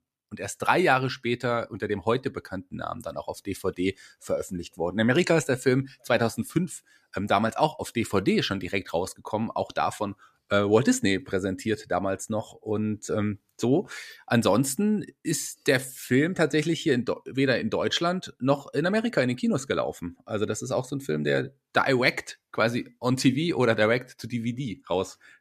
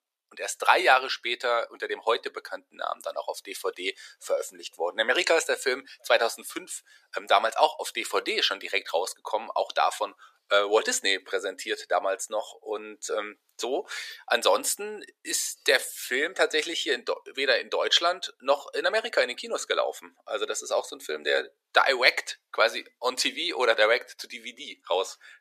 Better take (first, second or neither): first